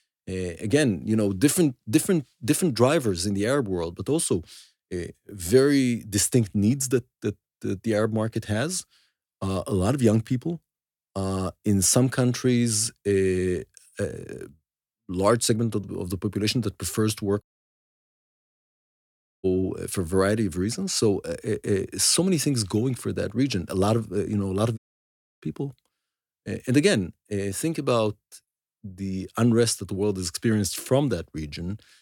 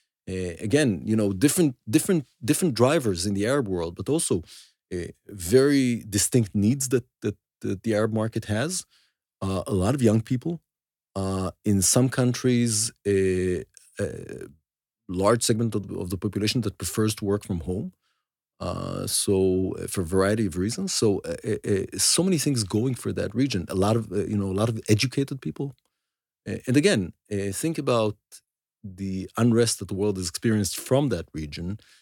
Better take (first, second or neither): second